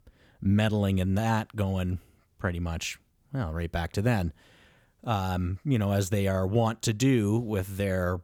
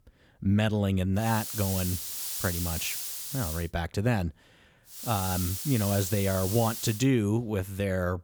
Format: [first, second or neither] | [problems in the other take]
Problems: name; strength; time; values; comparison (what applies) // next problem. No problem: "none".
first | hiss; loud; from 1.5 to 3.5 s and from 5 to 7 s; 4 dB below the speech